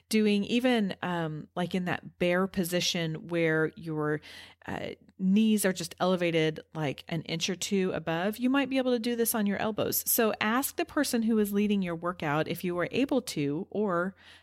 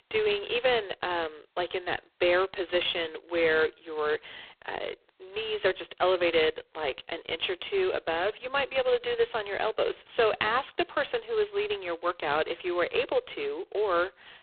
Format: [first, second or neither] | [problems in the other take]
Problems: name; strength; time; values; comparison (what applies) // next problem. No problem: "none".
first | phone-call audio; poor line; nothing above 4 kHz